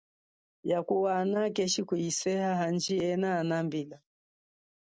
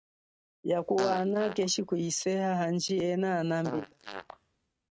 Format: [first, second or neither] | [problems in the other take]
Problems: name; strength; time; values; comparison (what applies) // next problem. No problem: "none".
first | noise reduction (neural mask model RNNoise)